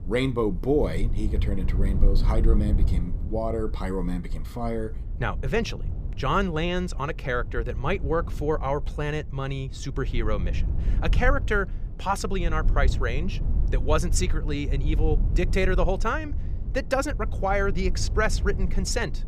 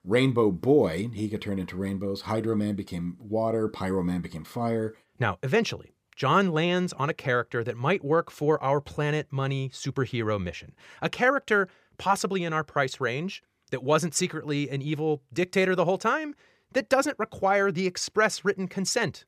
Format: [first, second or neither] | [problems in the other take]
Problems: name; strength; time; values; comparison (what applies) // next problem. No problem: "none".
second | low rumble; noticeable; throughout; 15 dB below the speech